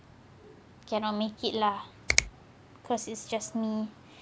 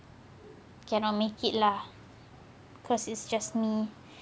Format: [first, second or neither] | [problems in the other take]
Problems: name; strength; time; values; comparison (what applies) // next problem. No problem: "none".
second | background sound (Finger snapping); 1 dB above the speech